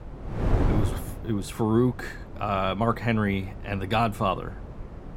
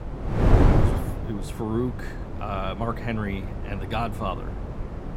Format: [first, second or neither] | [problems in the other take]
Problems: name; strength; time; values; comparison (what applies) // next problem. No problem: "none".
first | wind noise on the microphone; heavy; 1 dB below the speech; occasional gusts in the first